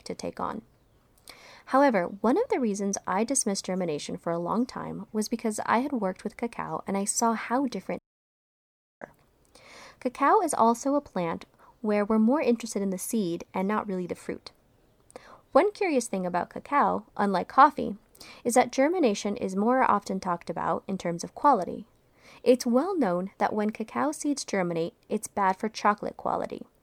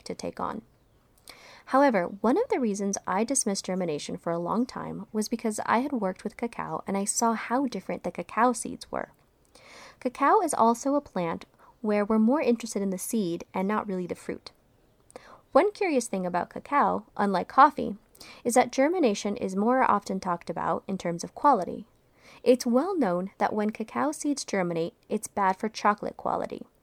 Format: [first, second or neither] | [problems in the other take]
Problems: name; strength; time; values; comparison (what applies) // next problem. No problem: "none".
second | audio cutting out; at 8 s for 1 s